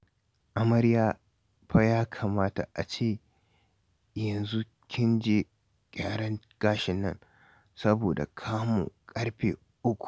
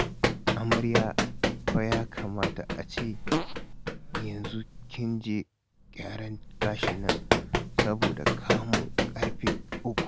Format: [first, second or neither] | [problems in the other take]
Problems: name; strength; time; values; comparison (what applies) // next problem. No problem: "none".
first | background sound (Fart + Run); 4 dB above the speech